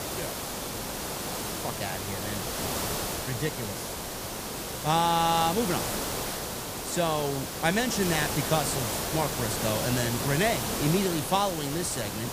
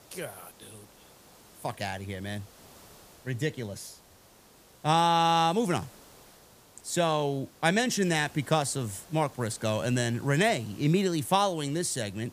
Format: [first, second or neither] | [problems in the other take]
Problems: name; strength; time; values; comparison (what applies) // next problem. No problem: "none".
second | hiss; loud; throughout; 3 dB below the speech; faint in the second